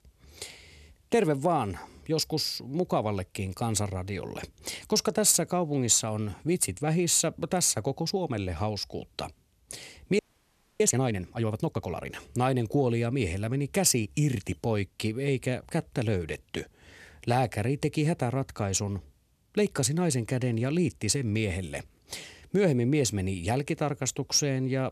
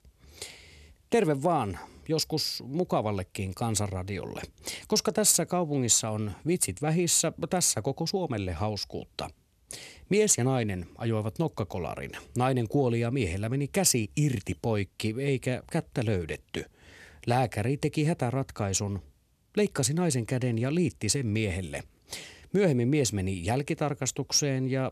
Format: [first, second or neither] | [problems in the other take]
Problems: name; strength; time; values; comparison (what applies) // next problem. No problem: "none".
second | audio freezing; at 10 s for 0.5 s